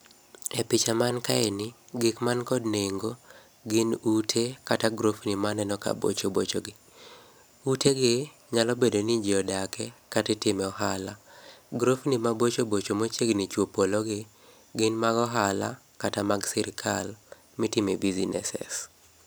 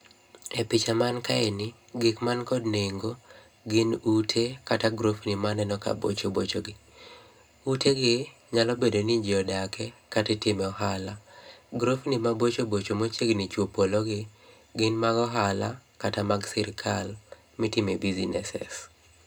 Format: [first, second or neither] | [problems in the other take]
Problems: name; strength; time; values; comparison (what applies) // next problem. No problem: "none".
first | room echo; dies away in 0.2 s